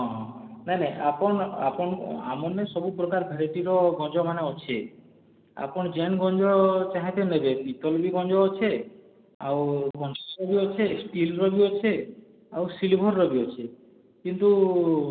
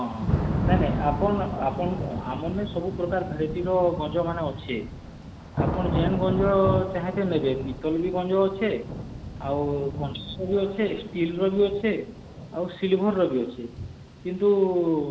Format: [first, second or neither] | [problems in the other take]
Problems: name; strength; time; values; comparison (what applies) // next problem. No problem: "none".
first | background sound (Thunder / Rain); 5 dB below the speech